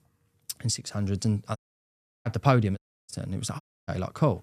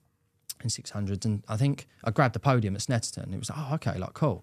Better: second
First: audio cutting out; at 1.5 s for 0.5 s, at 3 s and at 3.5 s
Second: none

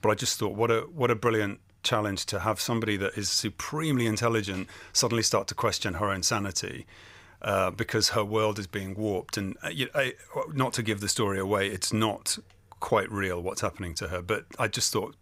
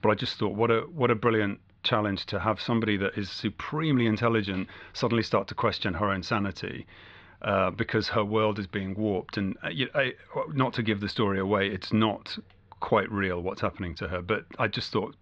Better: first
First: none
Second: muffled; slightly; fading above 4 kHz

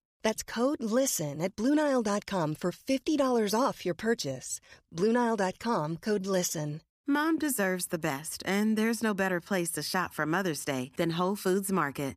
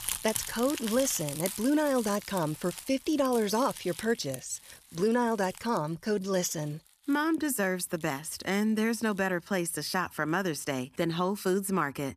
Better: first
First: none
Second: household noises; loud; throughout; 10 dB below the speech

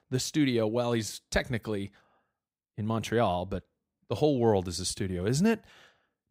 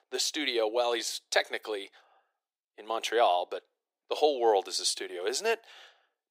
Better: first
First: none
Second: thin; very; fading below 350 Hz

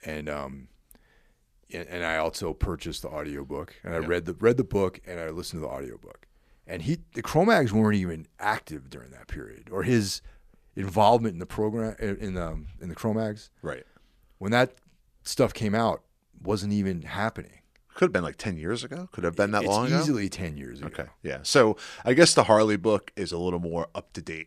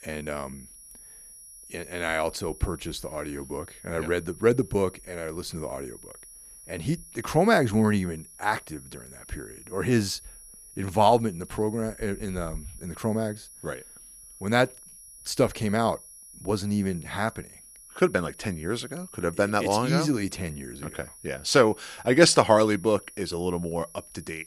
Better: first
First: none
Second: high-pitched whine; noticeable; throughout; 10.5 kHz, 20 dB below the speech

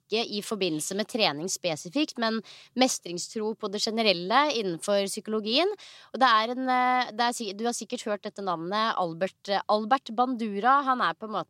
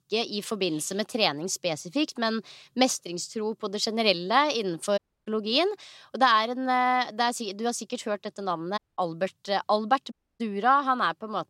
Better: first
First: none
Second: audio cutting out; at 5 s, at 9 s and at 10 s

